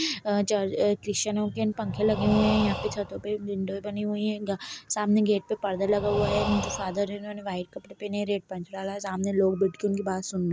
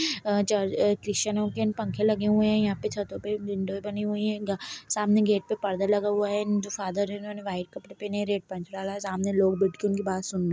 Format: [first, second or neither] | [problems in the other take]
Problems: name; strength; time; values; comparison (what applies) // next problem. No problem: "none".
second | background sound (Breathing); 7 dB below the speech